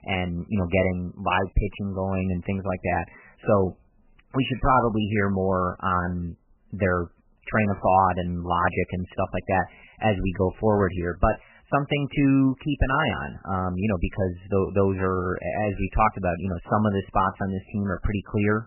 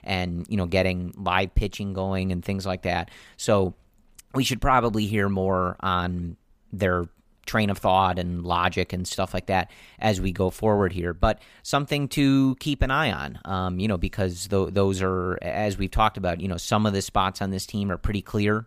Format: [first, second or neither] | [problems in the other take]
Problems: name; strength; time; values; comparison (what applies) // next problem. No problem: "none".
second | garbled, watery; badly; nothing above 3 kHz